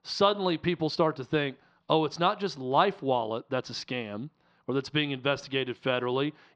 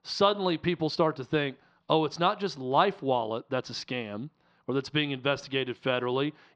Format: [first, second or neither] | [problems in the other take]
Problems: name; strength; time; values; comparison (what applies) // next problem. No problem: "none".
neither | muffled; very slightly; fading above 4.5 kHz; the same in both